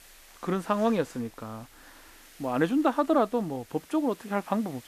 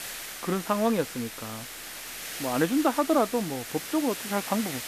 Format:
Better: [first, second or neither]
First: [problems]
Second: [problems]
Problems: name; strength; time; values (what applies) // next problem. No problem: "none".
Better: first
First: hiss; faint; throughout; 25 dB below the speech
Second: hiss; loud; throughout; 8 dB below the speech